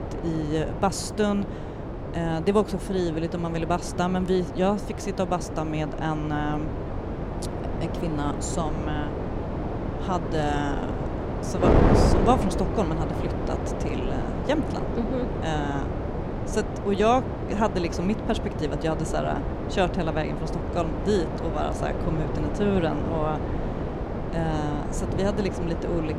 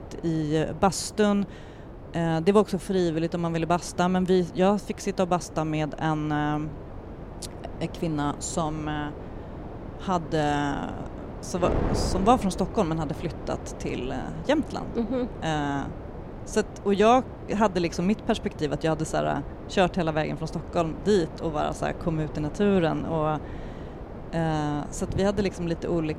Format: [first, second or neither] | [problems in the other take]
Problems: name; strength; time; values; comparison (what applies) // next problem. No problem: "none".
second | wind noise on the microphone; heavy; 4 dB below the speech; occasional gusts in the second